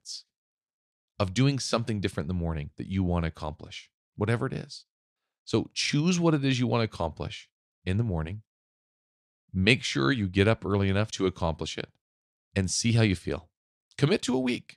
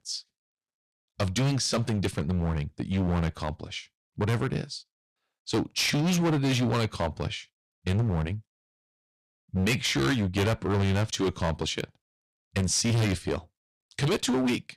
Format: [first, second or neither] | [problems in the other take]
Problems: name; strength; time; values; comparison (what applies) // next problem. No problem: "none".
first | distortion; heavy; 13% of the sound clipped